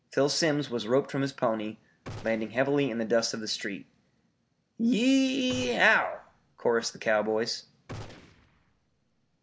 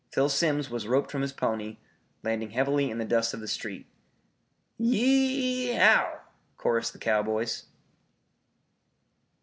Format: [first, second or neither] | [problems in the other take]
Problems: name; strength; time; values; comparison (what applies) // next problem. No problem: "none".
second | background sound (Gunshot, gunfire); 18 dB below the speech